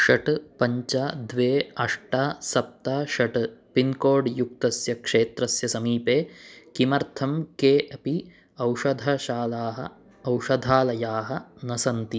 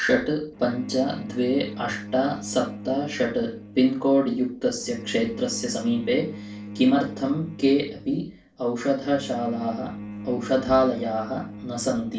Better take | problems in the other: first | background sound (Bowed string instrument); 13 dB below the speech // room echo; dies away in 0.3 s

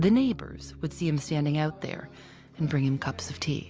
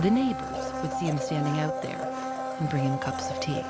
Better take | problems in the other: first | background sound (Domestic sounds, home sounds); 3 dB below the speech

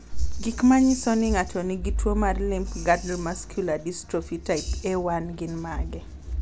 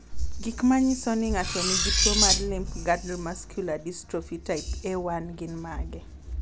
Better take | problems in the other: first | background sound (Cutlery, silverware); 2 dB above the speech

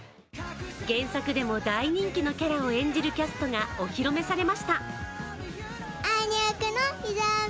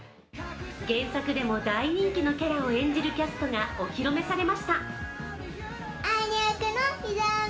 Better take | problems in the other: first | room echo; dies away in 1.9 s

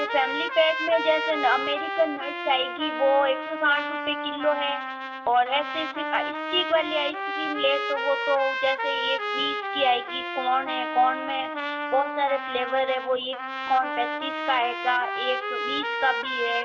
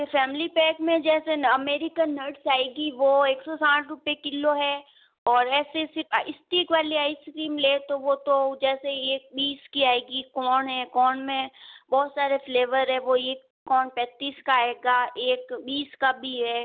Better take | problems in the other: second | background sound (Trumpet); 4 dB below the speech // room echo; dies away in 0.8 s

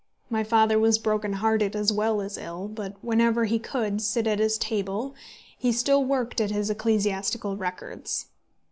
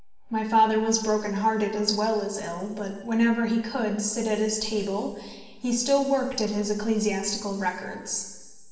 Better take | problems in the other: first | room echo; dies away in 1.4 s

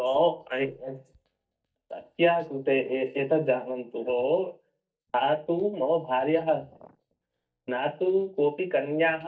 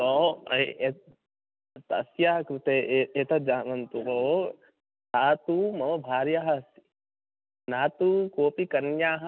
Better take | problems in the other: second | noise reduction (neural mask model DeepFilterNet 3)

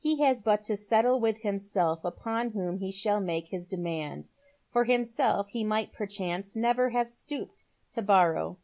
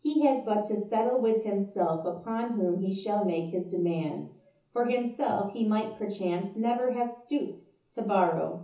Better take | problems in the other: first | room echo; dies away in 0.7 s

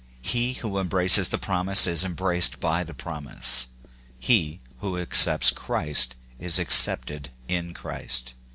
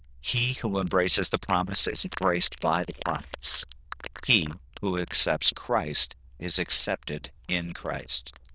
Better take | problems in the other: first | noise reduction (neural diffusion model UNIVERSE++)

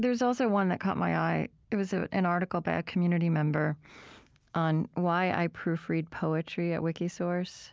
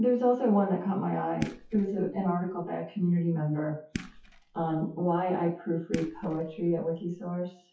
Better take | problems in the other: first | noise reduction (classical method WPE with log-MMSE)

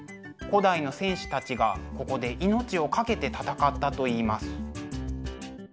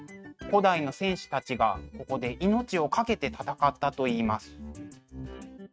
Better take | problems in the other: first | noise reduction (neural mask model RNNoise)

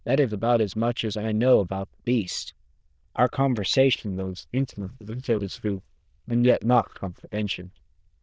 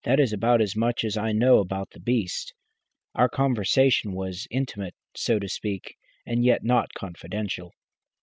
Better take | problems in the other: second | noise reduction (neural diffusion model UNIVERSE++)

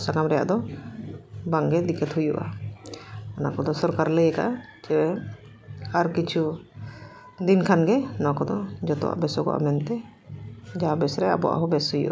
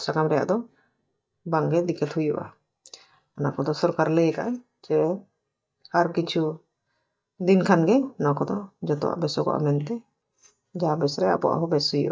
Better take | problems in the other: first | noise reduction (neural mask model DeepFilterNet 3)

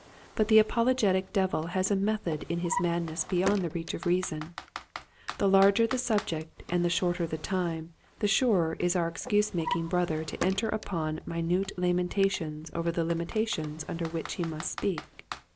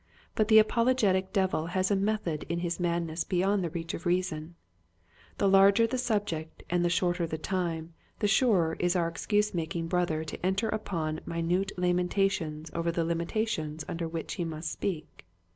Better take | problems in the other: second | background sound (Computer keyboard + Drawer open or close); 14 dB below the speech

